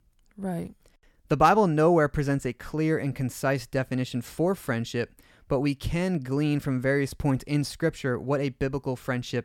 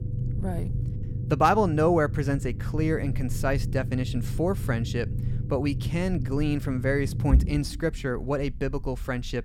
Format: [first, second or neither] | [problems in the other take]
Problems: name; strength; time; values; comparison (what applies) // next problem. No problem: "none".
first | low rumble; noticeable; throughout; 15 dB below the speech